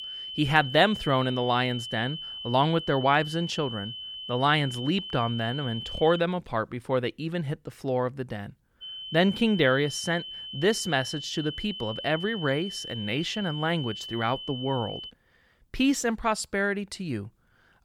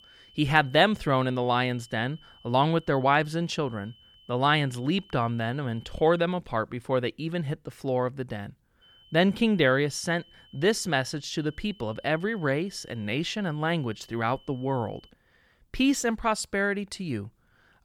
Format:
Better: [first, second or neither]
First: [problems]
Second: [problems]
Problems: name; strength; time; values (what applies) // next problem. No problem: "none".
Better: second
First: high-pitched whine; loud; until 6 s and from 9 to 15 s; 3 kHz, 9 dB below the speech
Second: high-pitched whine; faint; until 6 s and from 9 to 15 s; 3 kHz, 25 dB below the speech